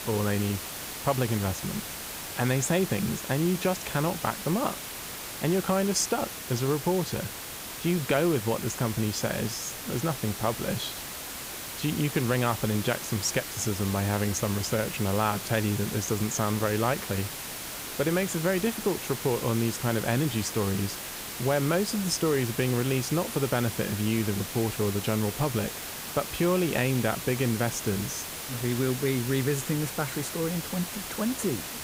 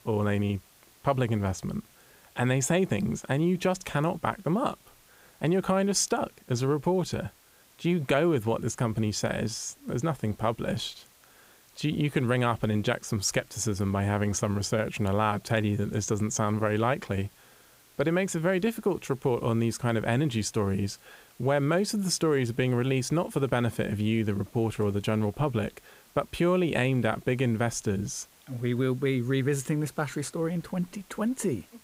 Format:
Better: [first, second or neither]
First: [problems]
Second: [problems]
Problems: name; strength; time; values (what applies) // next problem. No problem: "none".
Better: second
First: hiss; loud; throughout; 6 dB below the speech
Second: hiss; faint; throughout; 30 dB below the speech